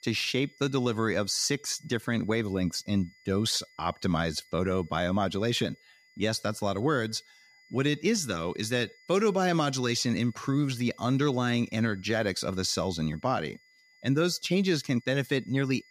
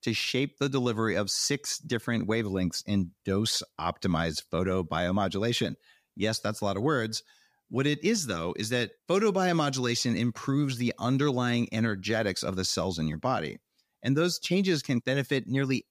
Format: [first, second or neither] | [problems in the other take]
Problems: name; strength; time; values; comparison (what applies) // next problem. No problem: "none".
second | high-pitched whine; faint; throughout; 2 kHz, 30 dB below the speech